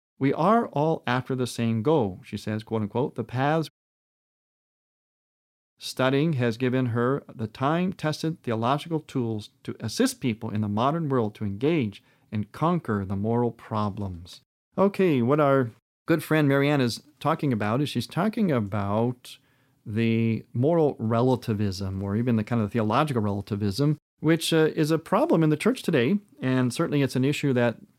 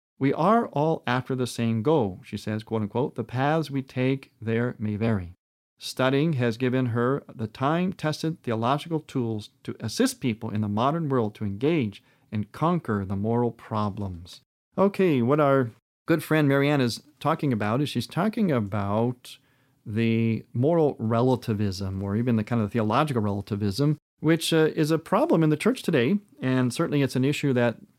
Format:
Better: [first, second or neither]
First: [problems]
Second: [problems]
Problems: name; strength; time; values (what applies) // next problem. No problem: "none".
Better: second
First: audio cutting out; at 3.5 s for 1.5 s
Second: none